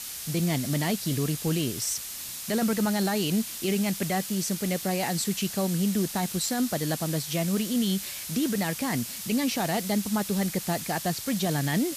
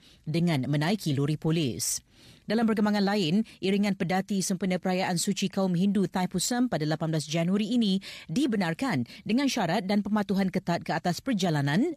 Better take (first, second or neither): second